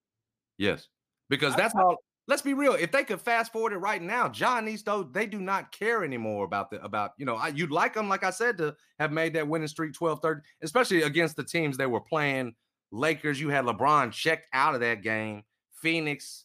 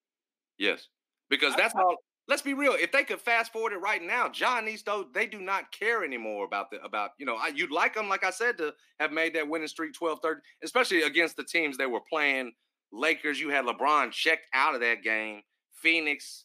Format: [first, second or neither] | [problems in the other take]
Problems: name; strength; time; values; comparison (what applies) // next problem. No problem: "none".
first | thin; very slightly; fading below 250 Hz